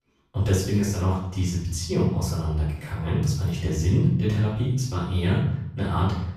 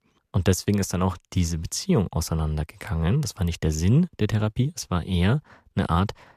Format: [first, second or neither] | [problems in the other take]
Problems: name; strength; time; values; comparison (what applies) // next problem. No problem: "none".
second | off-mic speech; far // room echo; noticeable; dies away in 0.7 s